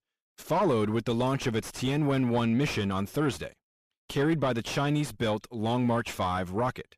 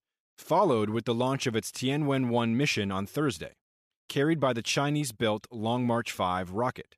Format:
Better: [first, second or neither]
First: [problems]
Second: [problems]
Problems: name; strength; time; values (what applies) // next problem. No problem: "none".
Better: second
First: distortion; slight; 9 dB below the speech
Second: none